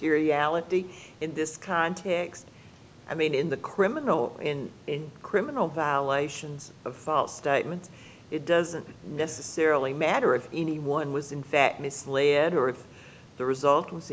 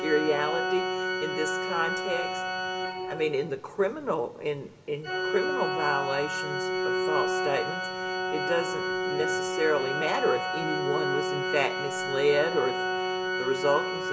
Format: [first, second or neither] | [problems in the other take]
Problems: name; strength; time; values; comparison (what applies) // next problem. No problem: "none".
first | background sound (Organ); as loud as the speech // room echo; dies away in 2.8 s